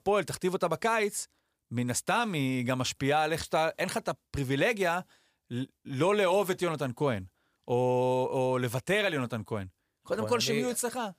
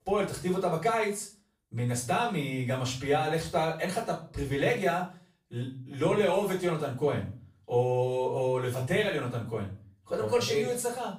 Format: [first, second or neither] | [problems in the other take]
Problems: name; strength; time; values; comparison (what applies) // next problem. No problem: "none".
first | room echo; slight; dies away in 0.4 s // off-mic speech; far